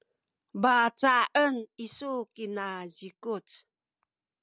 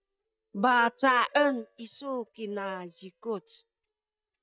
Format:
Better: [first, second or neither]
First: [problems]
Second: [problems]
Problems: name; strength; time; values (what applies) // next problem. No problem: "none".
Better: first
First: none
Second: noise reduction (neural mask model DeepFilterNet 3)